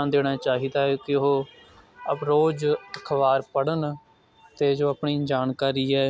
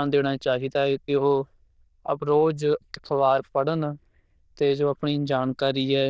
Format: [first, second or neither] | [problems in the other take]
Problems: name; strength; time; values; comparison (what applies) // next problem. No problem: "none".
first | noise reduction (neural diffusion model UNIVERSE++)